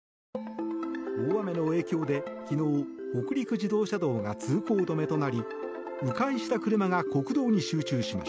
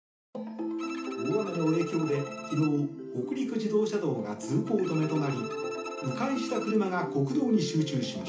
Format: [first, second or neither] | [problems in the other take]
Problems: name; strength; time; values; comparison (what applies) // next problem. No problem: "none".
first | background sound (Bowed string instrument); 15 dB below the speech // room echo; dies away in 0.4 s